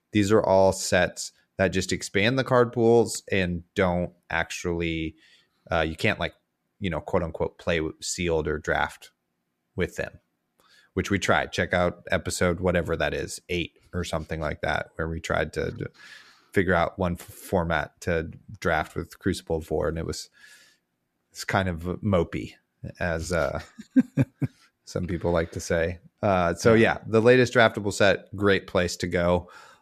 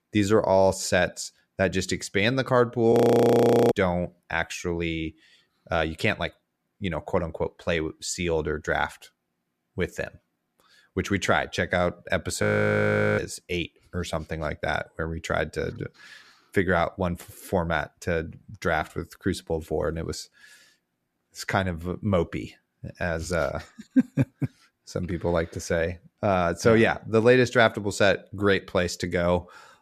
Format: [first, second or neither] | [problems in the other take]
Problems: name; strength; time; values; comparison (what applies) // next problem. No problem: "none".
first | audio freezing; at 3 s for 1 s and at 12 s for 1 s